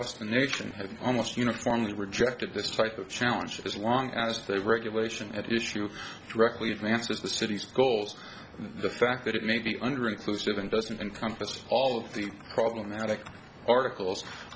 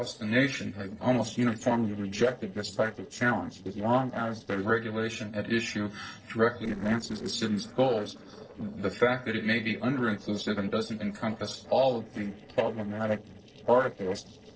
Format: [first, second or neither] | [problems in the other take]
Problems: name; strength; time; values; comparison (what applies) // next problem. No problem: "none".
first | noise reduction (neural separator model SepFormer DNS4)